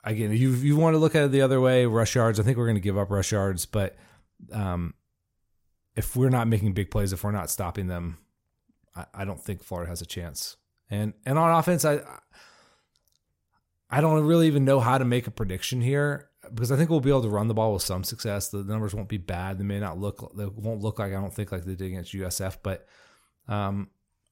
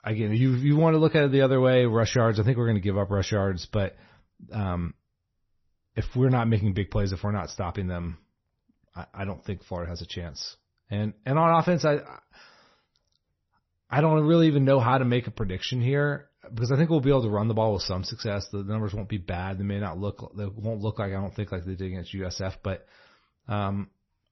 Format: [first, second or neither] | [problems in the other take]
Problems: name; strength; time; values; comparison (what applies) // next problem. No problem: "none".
first | garbled, watery; slightly; nothing above 6 kHz